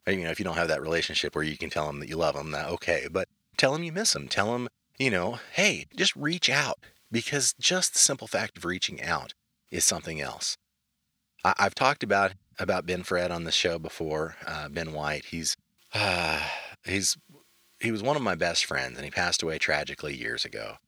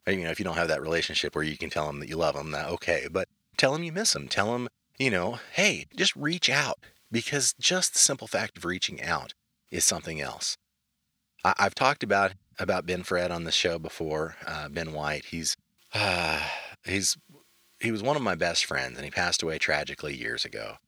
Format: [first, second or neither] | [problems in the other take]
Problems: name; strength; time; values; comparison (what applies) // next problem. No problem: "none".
neither | thin; somewhat; fading below 1 kHz; the same in both